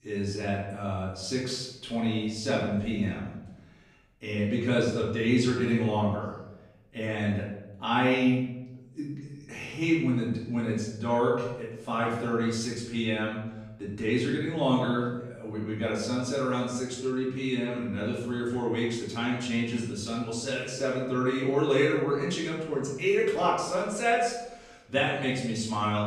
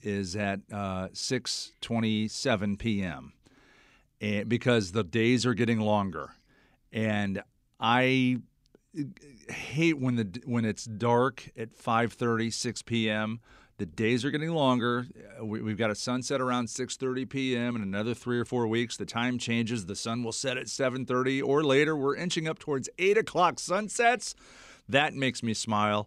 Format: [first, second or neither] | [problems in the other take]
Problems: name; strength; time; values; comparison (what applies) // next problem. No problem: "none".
second | off-mic speech; far // room echo; noticeable; dies away in 0.8 s